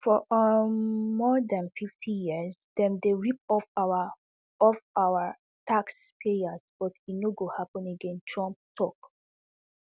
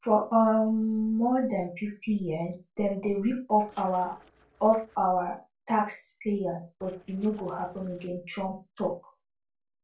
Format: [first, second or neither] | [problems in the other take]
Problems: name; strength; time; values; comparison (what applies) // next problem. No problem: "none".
first | noise reduction (neural separator model SepFormer DNS4)